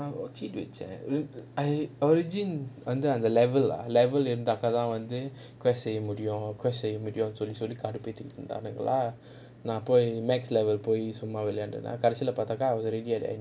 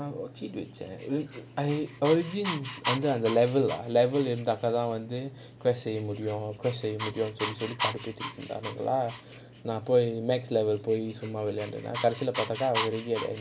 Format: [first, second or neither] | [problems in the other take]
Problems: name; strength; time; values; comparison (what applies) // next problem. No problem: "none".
first | background sound (Dog); 11 dB below the speech